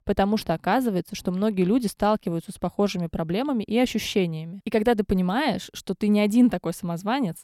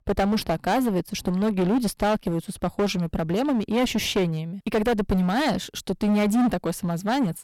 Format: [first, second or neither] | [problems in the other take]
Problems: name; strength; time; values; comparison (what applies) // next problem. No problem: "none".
first | distortion; heavy; 15% of the sound clipped